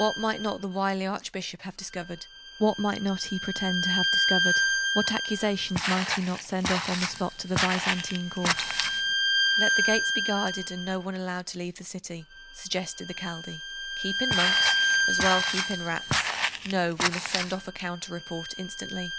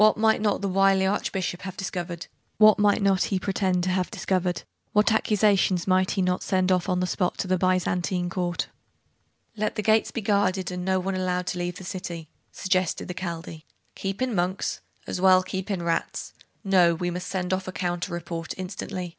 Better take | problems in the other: second | background sound (Walk, footsteps + Bowed string instrument); 2 dB above the speech

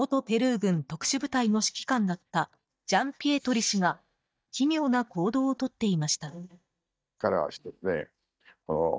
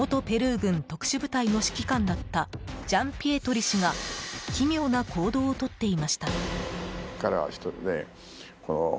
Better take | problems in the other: second | noise reduction (neural mask model DeepFilterNet 3)

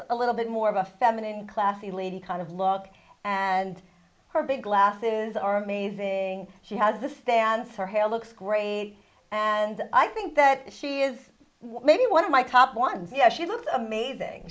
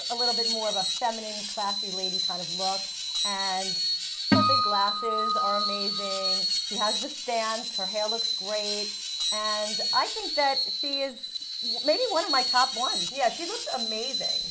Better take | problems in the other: first | background sound (Acoustic guitar + Screech); 3 dB above the speech

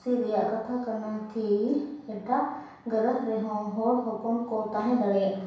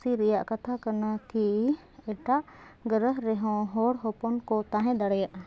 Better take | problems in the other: second | room echo; dies away in 0.7 s

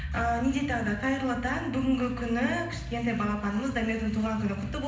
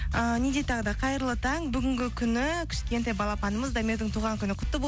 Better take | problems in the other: second | room echo; dies away in 0.8 s

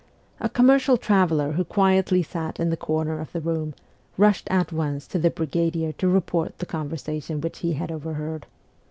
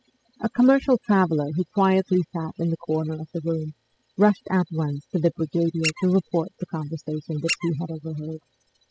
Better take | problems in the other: first | noise reduction (classical method spectral subtraction)

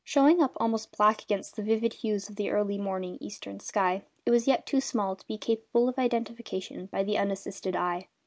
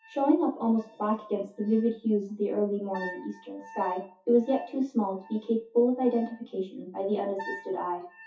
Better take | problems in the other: first | noise reduction (classical method WPE with log-MMSE)

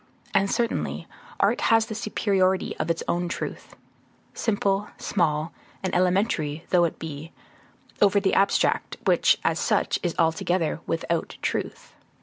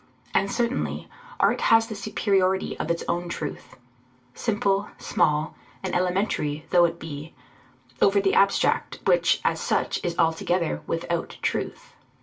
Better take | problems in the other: first | room echo; dies away in 0.2 s

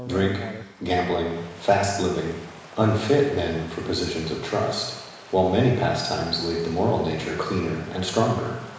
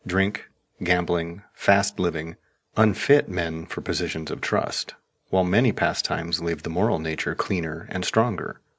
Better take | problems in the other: second | background sound (Stream); 18 dB below the speech // room echo; dies away in 1 s

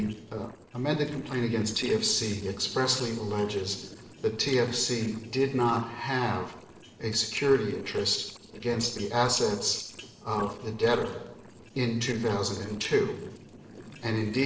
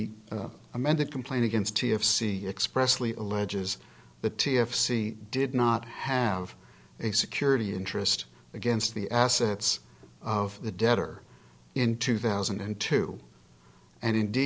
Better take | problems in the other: second | noise reduction (neural separator model SepFormer DNS4)

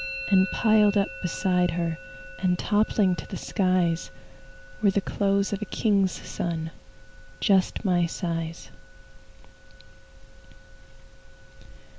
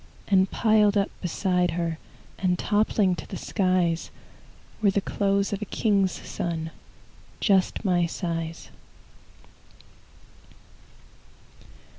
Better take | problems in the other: second | background sound (Musical instrument); 17 dB below the speech

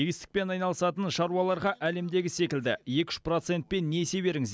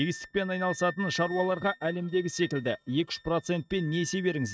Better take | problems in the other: first | noise reduction (neural mask model RNNoise)

